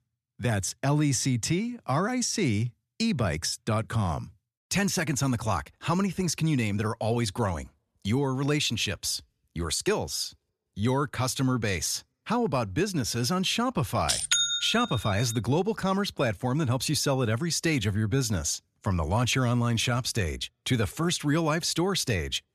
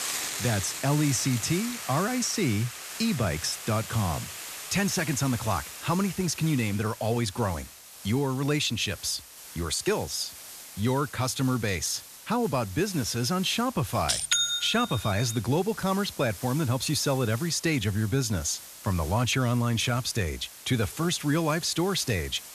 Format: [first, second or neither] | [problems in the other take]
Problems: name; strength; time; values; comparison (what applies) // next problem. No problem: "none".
first | hiss; noticeable; throughout; 10 dB below the speech